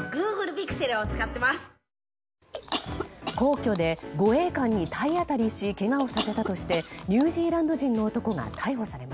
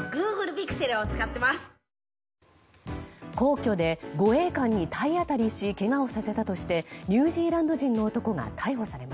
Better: second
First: background sound (Chewing, mastication / Cough); 13 dB below the speech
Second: none

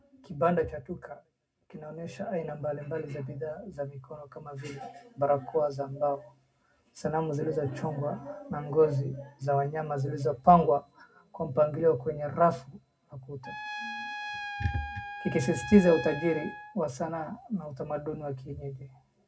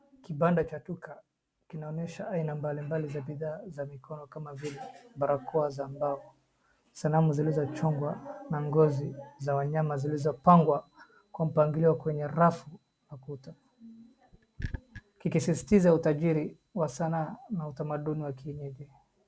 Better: second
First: background sound (Trumpet); 9 dB below the speech // room echo; dies away in 0.2 s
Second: none

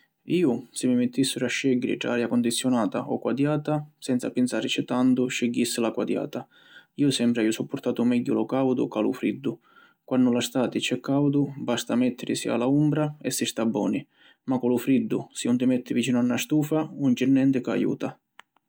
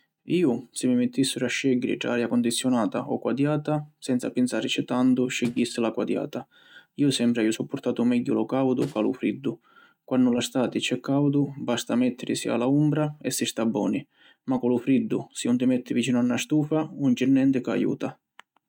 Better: first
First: none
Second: noise reduction (neural mask model RNNoise)

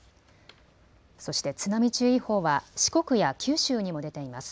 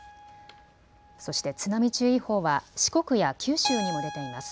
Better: first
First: none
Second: background sound (Keyboard (musical)); 11 dB below the speech

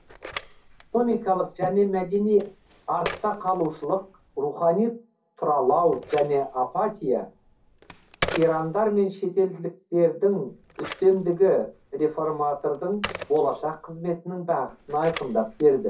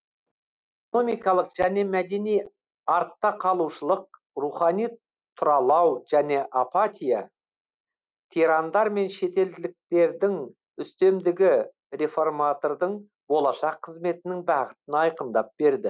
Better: second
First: background sound (Telephone); 16 dB below the speech // room echo; dies away in 0.3 s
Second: none

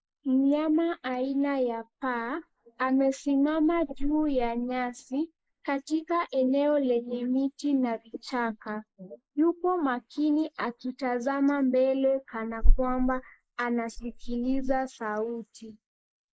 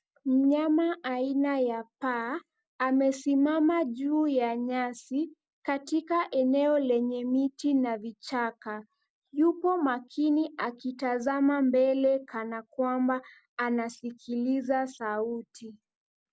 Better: second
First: noise reduction (neural mask model Resemble Enhance denoiser)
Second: none

